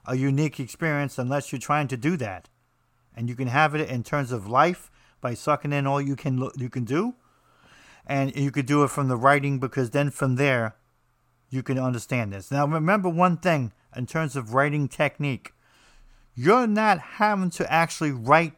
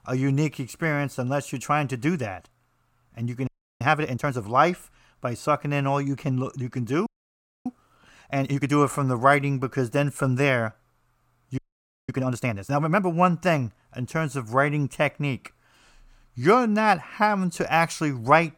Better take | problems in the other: first | audio freezing; at 3.5 s, at 7 s for 0.5 s and at 12 s for 0.5 s

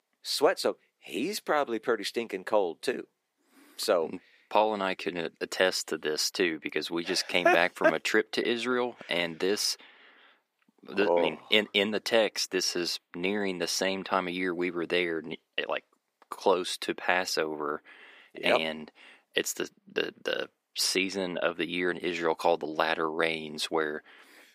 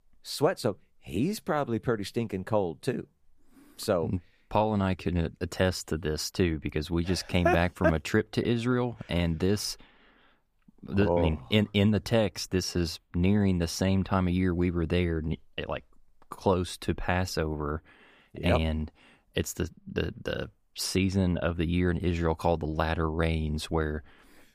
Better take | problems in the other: second | thin; somewhat; fading below 300 Hz

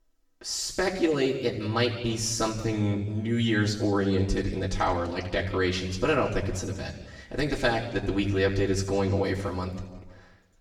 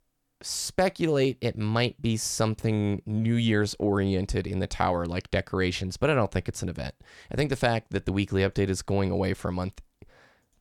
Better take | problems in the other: second | room echo; slight; dies away in 1.1 s // off-mic speech; far

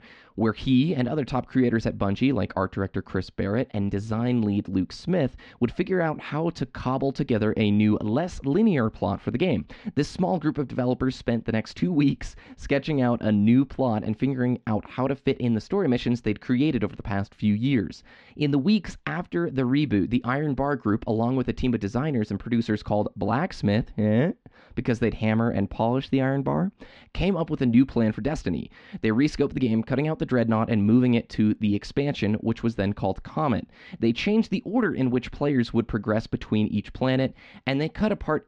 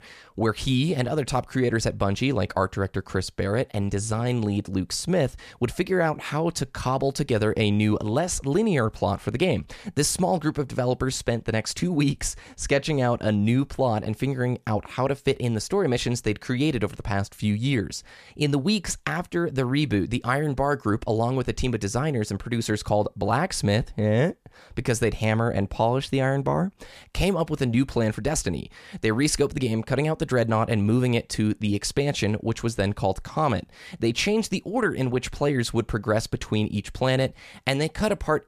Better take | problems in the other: second | muffled; slightly; fading above 4 kHz

